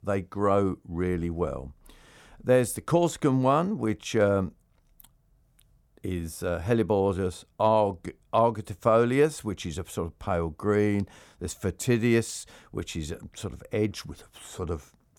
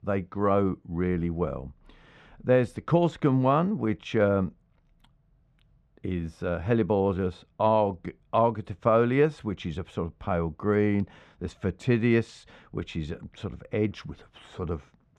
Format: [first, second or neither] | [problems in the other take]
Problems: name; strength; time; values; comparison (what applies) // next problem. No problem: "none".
first | muffled; slightly; fading above 3 kHz